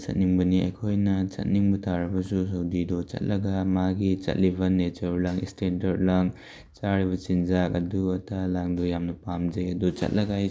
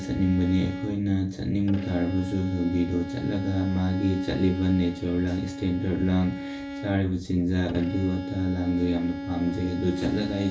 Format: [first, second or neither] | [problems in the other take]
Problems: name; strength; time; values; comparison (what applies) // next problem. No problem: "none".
first | background sound (Bowed string instrument); 9 dB below the speech // room echo; dies away in 0.3 s